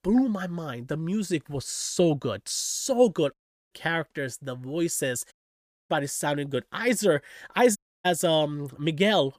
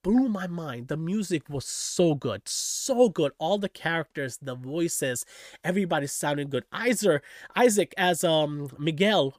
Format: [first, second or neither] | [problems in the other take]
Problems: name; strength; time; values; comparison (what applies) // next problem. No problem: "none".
second | audio cutting out; at 3.5 s, at 5.5 s for 0.5 s and at 8 s